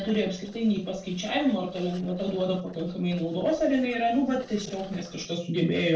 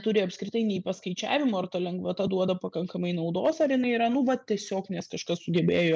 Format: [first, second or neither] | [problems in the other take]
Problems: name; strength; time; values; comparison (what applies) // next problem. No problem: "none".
second | noise reduction (neural separator model SepFormer DNS4)